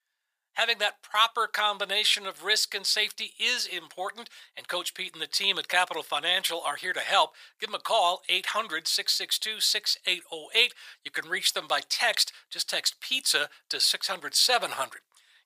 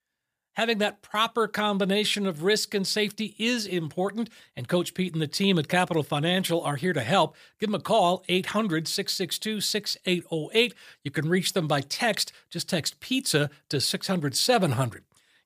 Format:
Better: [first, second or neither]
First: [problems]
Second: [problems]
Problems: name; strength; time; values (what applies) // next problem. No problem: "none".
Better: second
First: thin; very; fading below 950 Hz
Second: none